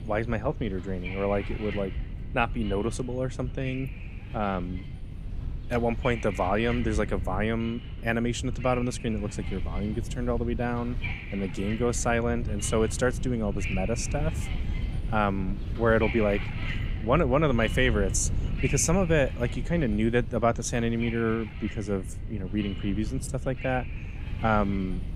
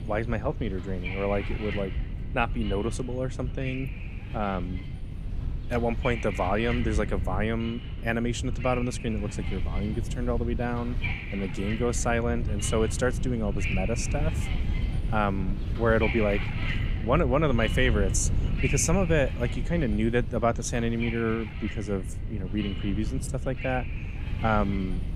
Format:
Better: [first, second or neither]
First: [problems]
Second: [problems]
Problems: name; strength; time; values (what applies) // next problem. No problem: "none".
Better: first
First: wind noise on the microphone; occasional gusts; 10 dB below the speech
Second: wind noise on the microphone; heavy; 9 dB below the speech